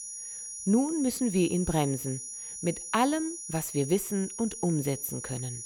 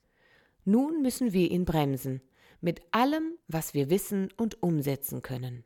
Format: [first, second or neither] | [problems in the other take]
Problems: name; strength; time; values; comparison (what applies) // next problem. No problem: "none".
second | high-pitched whine; loud; throughout; 10.5 kHz, 8 dB below the speech